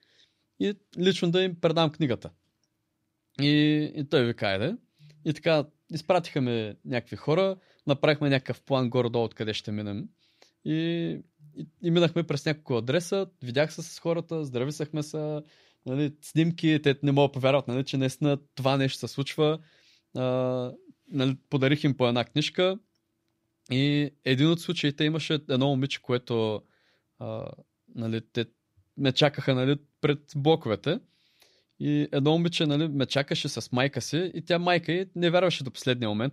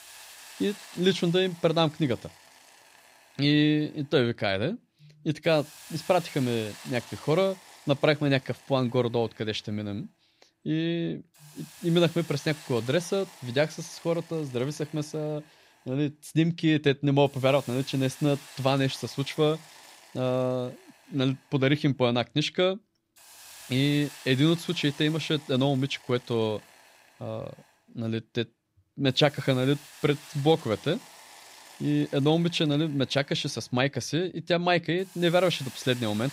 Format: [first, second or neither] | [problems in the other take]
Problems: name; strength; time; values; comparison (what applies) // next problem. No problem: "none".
first | hiss; noticeable; throughout; 20 dB below the speech